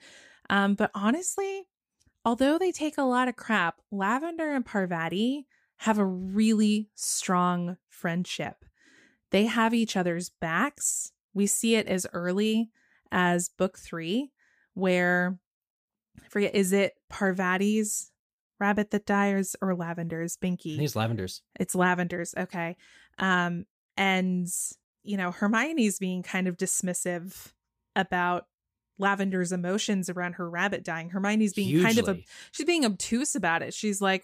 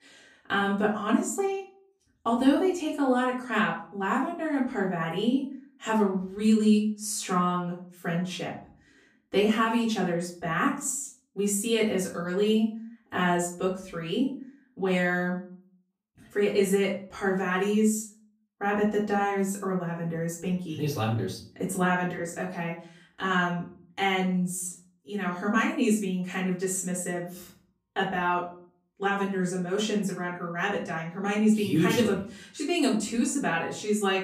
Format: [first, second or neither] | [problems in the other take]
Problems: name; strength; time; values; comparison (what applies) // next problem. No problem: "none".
first | off-mic speech; far // room echo; slight; dies away in 0.4 s